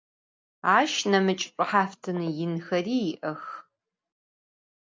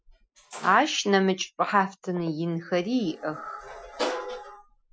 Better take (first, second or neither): first